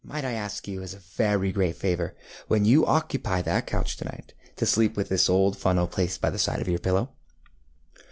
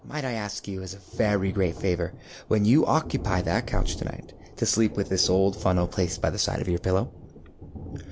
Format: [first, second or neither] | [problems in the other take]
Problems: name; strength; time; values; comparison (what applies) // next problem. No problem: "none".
first | background sound (Thunder); 14 dB below the speech